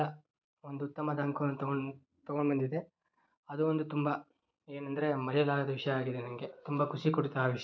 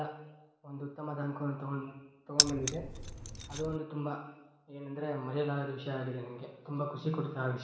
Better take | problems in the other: first | background sound (Keys jangling); 4 dB above the speech // room echo; dies away in 1.1 s

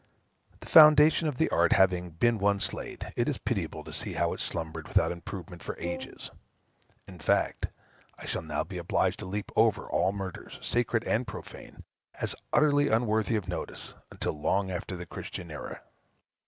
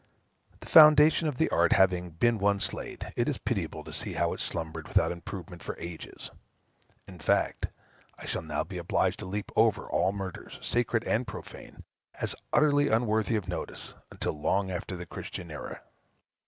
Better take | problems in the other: second | background sound (Brass instrument); 13 dB below the speech

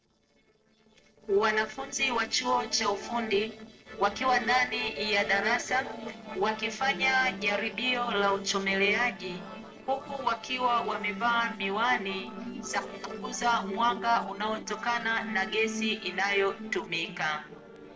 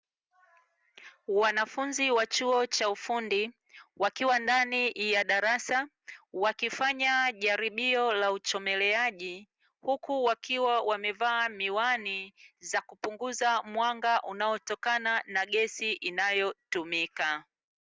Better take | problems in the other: second | noise reduction (neural separator model SepFormer DNS4)

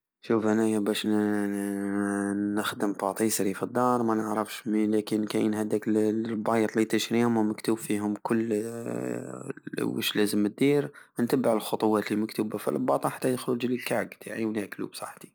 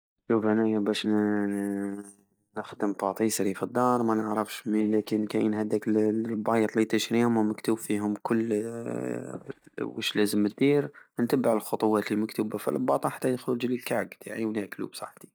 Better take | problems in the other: first | noise reduction (neural mask model DeepFilterNet 3)

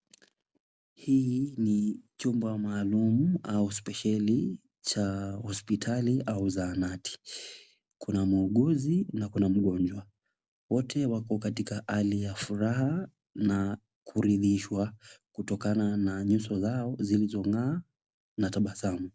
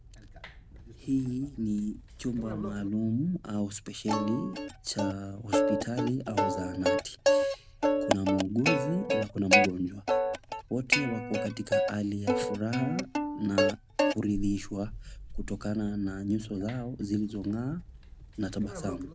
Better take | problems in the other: first | background sound (Plucked string instrument); 1 dB above the speech

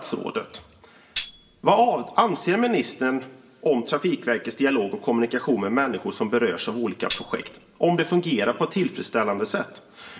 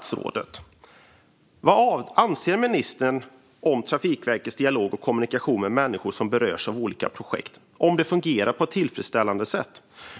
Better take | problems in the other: second | background sound (Tambourine); 14 dB below the speech // room echo; dies away in 2 s

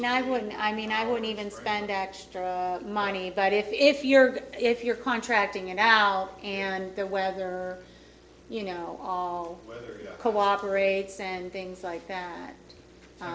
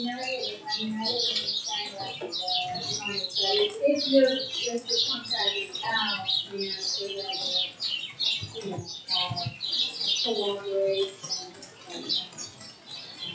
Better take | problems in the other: first | noise reduction (classical method WPE with log-MMSE)

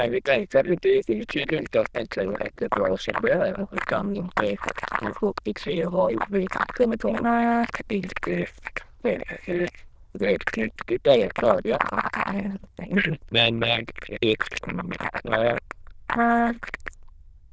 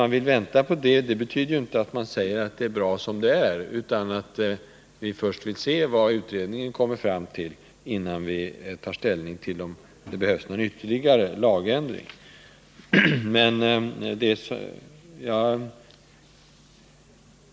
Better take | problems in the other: second | noise reduction (neural diffusion model UNIVERSE++)

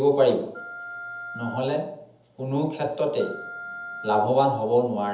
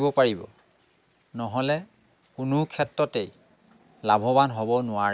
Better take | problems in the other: second | background sound (Wind instrument, woodwind instrument); 14 dB below the speech // room echo; dies away in 0.7 s

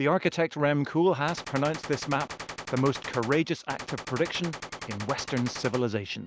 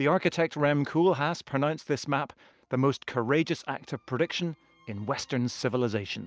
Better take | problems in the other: second | background sound (Gunshot, gunfire); 11 dB below the speech

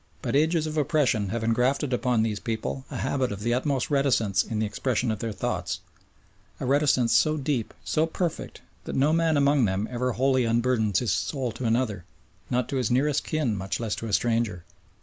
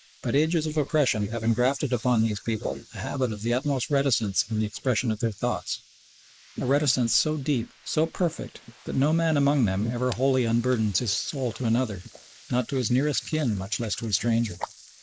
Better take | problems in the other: first | noise reduction (neural mask model Resemble Enhance denoiser)

